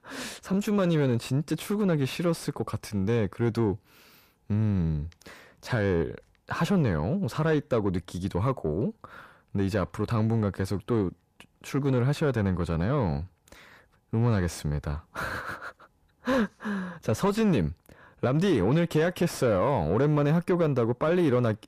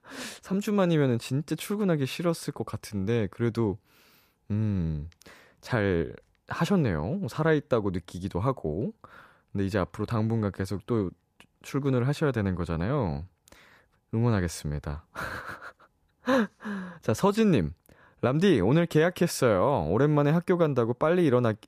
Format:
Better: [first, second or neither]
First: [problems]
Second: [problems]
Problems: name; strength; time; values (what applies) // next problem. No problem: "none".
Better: second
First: distortion; slight; 10 dB below the speech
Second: none